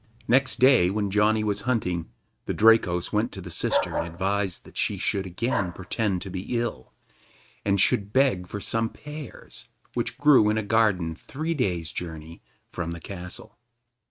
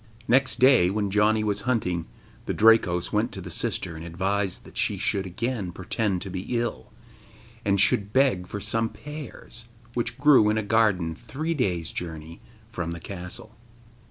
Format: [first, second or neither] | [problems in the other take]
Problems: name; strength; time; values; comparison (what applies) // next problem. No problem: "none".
second | noise reduction (neural mask model RNNoise)